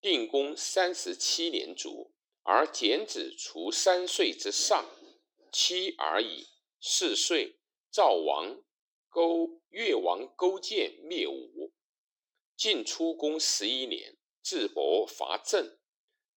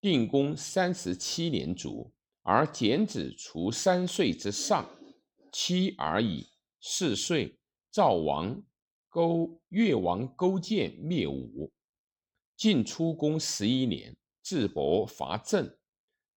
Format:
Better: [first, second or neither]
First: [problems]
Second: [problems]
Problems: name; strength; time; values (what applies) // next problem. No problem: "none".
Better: second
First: thin; very; fading below 300 Hz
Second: none